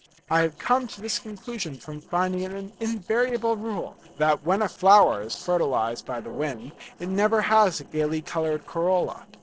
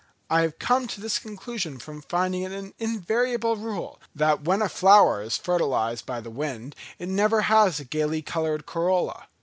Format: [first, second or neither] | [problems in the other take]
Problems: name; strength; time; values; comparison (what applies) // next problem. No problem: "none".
second | noise reduction (neural separator model SepFormer DNS4)